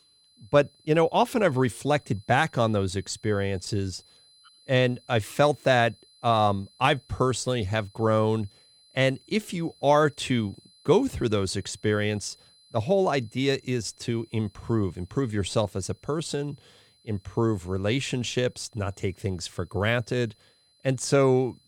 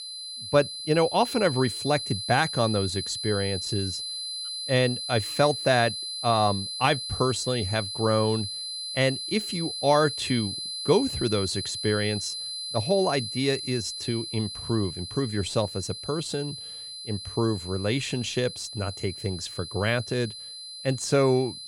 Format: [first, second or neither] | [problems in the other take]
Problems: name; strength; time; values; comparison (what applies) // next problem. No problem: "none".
first | high-pitched whine; loud; throughout; 4 kHz, 6 dB below the speech; faint in the first